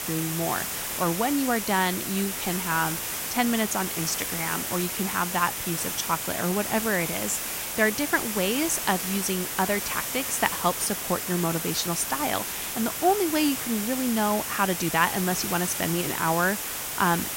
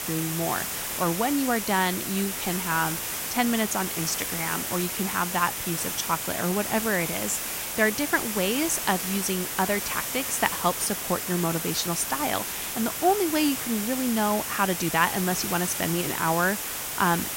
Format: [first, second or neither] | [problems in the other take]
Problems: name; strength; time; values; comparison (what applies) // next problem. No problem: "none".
neither | hiss; loud; throughout; 2 dB below the speech; the same in both